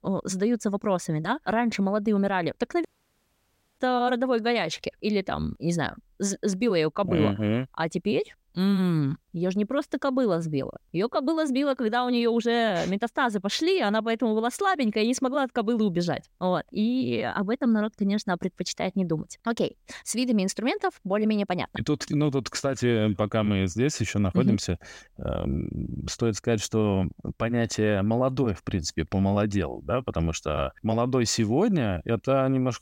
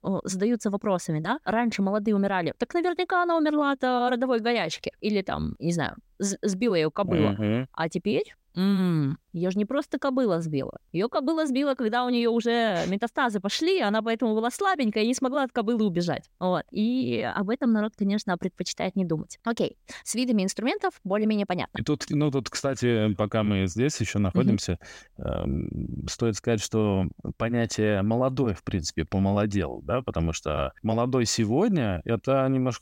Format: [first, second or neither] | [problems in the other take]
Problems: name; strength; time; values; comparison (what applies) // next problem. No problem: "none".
second | audio cutting out; at 3 s for 1 s